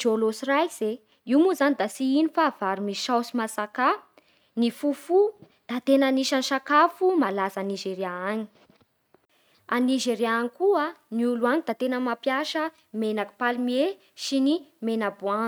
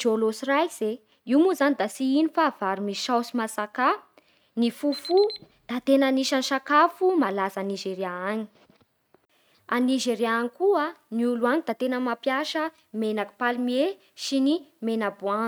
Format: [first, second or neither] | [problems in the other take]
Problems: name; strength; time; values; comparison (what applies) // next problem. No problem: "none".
first | background sound (Alarm); 15 dB below the speech